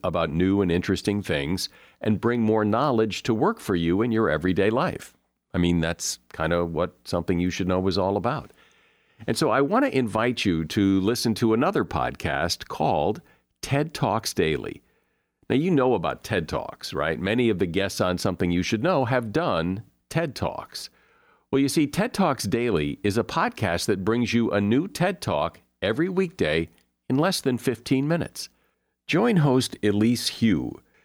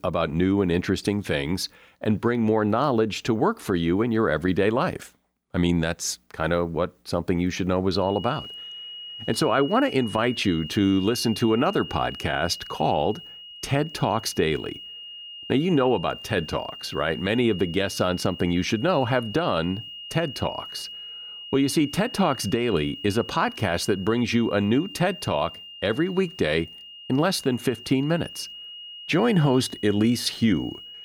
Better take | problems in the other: first | high-pitched whine; noticeable; from 8 s on; 3 kHz, 15 dB below the speech

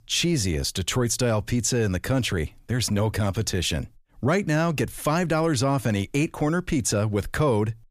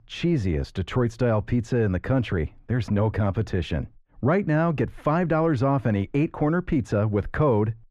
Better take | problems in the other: first | muffled; very; fading above 4 kHz

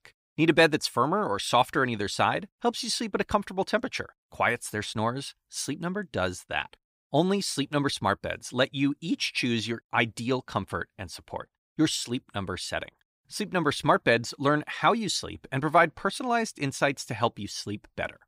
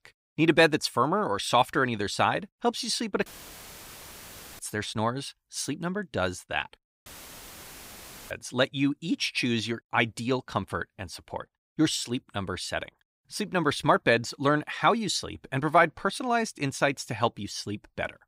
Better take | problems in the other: first | audio cutting out; filled with static; at 3.5 s for 1.5 s and at 7 s for 1.5 s

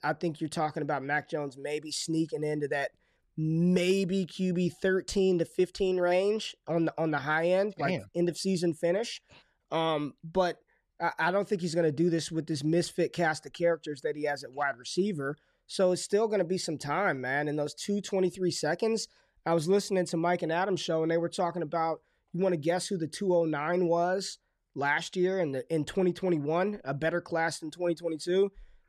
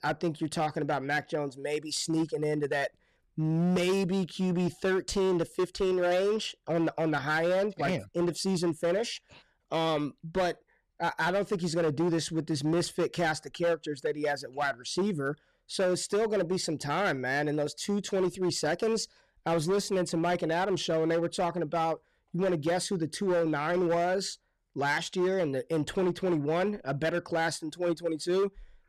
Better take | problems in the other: first | distortion; slight; 12% of the sound clipped

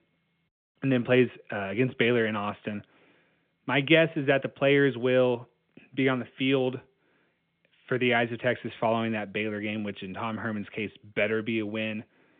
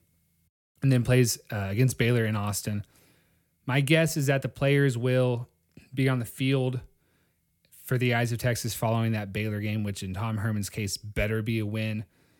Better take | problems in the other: second | phone-call audio; nothing above 3.5 kHz

